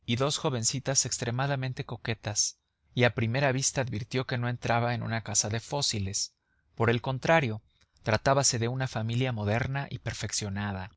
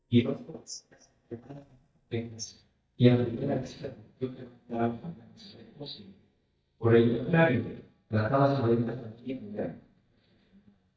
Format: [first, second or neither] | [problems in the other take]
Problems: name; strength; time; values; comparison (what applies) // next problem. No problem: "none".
first | noise reduction (neural mask model DeepFilterNet 3)